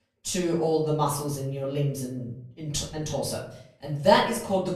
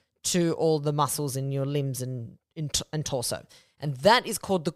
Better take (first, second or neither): second